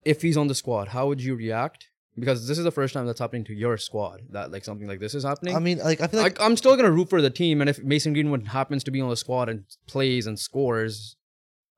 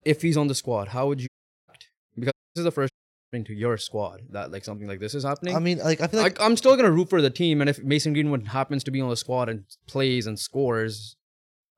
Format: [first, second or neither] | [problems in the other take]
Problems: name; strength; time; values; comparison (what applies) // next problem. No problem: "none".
first | audio cutting out; at 1.5 s, at 2.5 s and at 3 s